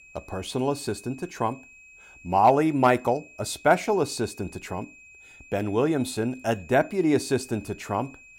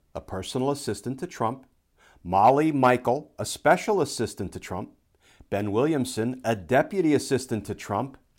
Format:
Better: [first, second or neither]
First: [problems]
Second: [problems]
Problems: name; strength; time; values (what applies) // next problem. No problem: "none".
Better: second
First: high-pitched whine; faint; throughout; 2.5 kHz, 20 dB below the speech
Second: none